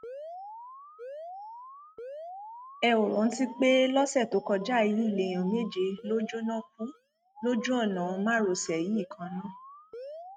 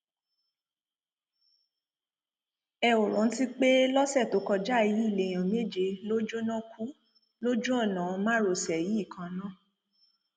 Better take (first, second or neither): second